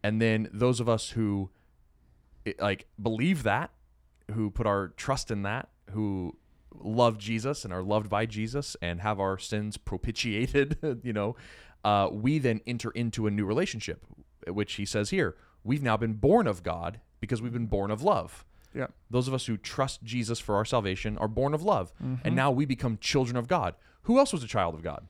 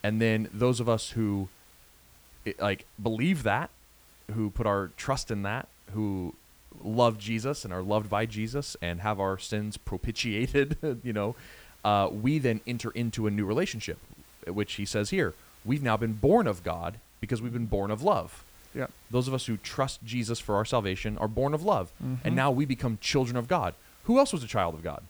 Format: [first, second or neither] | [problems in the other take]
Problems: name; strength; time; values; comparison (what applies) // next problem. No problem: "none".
first | hiss; faint; throughout; 25 dB below the speech